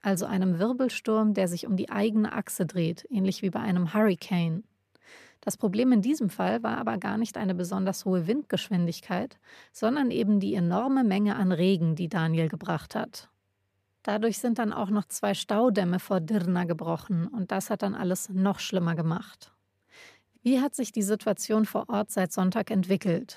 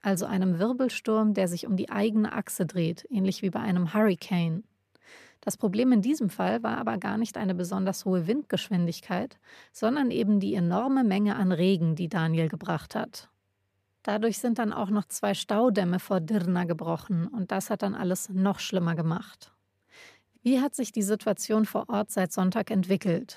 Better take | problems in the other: neither | none

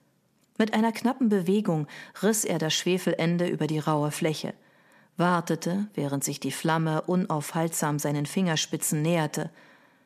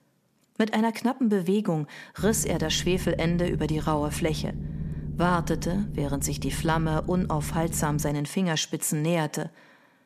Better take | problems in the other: first | low rumble; noticeable; from 2 to 8 s; 15 dB below the speech

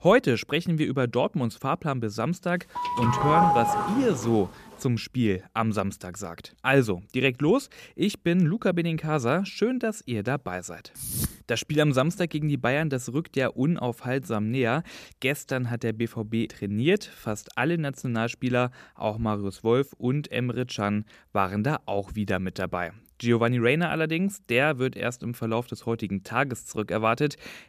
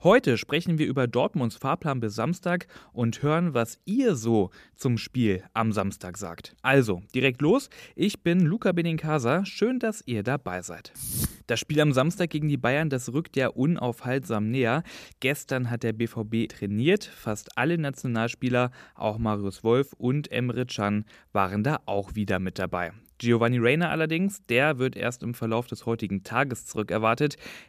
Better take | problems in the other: second | doorbell; loud; from 3 to 4.5 s; peak 6 dB above the speech

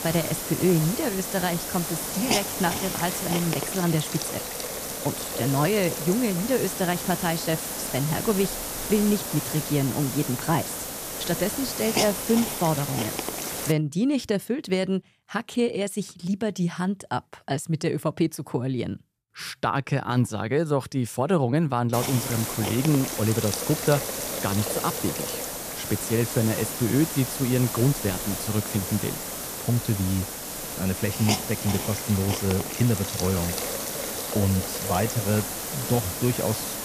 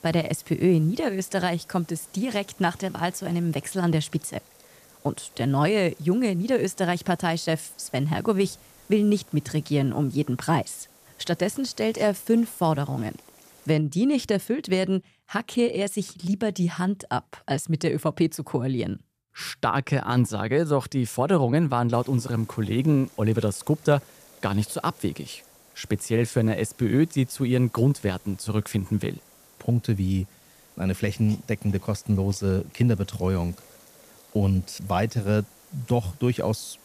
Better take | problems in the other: second | hiss; loud; until 14 s and from 22 s on; 3 dB below the speech; faint in the second

